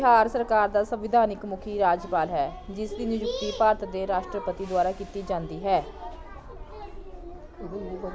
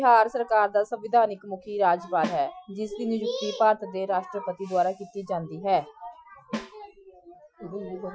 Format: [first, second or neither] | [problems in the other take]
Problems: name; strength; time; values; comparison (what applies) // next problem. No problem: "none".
first | noise reduction (classical method Wiener filter)